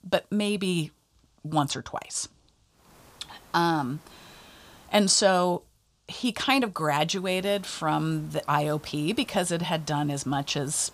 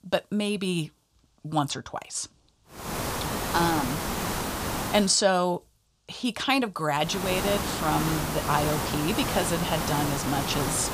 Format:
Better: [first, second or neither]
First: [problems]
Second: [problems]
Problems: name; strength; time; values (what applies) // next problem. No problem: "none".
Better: first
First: hiss; faint; from 3 to 5 s and from 7 s on; 25 dB below the speech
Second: hiss; loud; from 3 to 5 s and from 7 s on; 3 dB below the speech